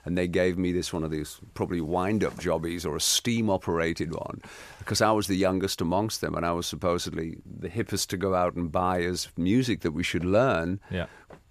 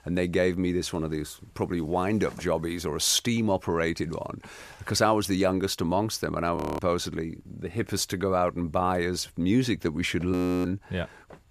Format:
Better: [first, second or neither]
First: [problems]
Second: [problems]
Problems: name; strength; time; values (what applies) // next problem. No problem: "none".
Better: first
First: none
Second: audio freezing; at 6.5 s and at 10 s